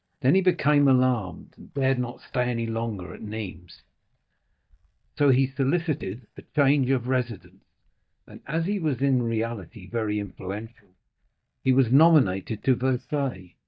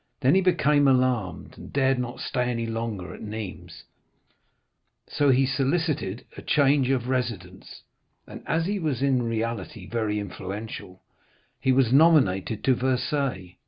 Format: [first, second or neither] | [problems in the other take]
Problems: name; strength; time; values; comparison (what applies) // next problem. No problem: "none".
second | noise reduction (neural mask model DeepFilterNet 3)